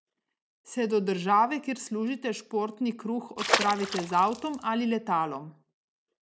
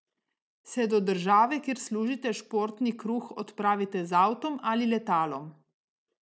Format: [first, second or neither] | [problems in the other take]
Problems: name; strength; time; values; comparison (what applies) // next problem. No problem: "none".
second | background sound (Water / Splash, splatter); 2 dB below the speech